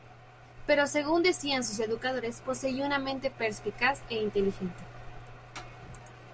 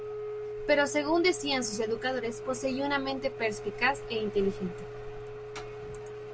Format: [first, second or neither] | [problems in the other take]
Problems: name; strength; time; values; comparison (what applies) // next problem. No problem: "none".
first | background sound (Wind instrument, woodwind instrument); 9 dB below the speech